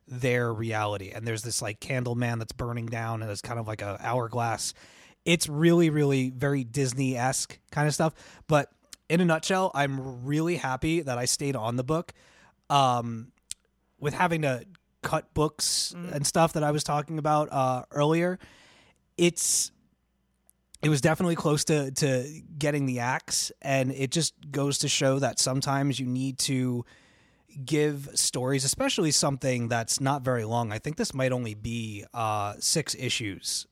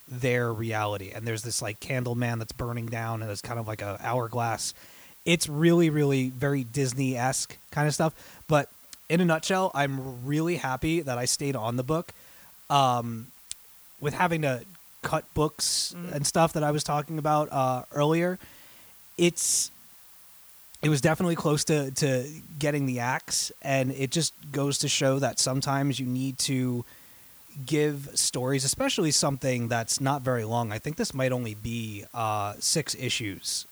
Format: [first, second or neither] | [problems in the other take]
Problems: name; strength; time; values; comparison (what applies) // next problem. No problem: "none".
first | hiss; faint; throughout; 20 dB below the speech